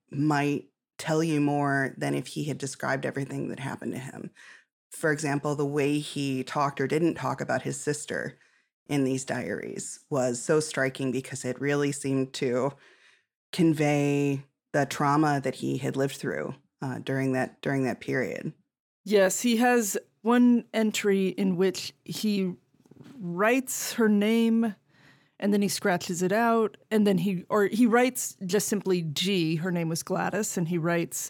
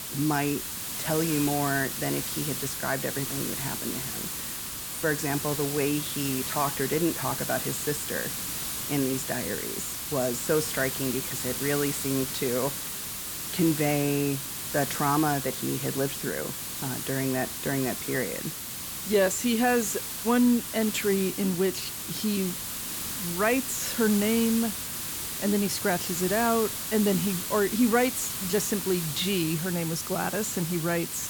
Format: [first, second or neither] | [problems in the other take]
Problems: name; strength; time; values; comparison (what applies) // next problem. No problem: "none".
first | hiss; loud; throughout; 3 dB below the speech